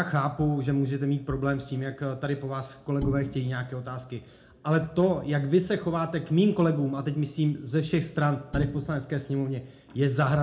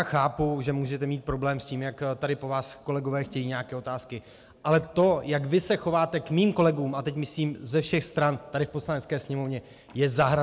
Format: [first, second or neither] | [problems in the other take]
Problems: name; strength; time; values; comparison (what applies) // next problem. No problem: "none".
second | background sound (Bowed string instrument); 9 dB below the speech // room echo; dies away in 0.3 s